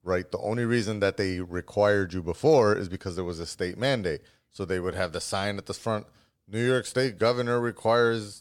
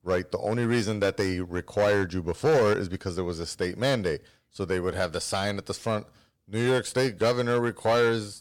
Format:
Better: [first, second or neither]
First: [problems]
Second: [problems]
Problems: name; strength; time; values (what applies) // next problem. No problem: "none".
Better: first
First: none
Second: distortion; slight; 5% of the sound clipped